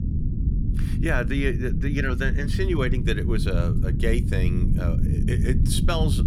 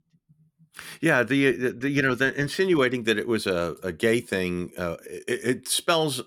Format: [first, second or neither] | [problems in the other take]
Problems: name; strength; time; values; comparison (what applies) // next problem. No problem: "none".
second | low rumble; loud; throughout; 7 dB below the speech